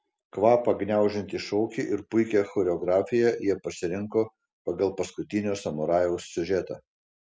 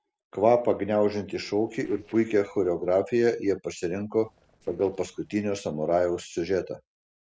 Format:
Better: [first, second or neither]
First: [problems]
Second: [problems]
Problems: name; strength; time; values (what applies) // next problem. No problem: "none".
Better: first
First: none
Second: noise reduction (neural separator model SepFormer DNS4)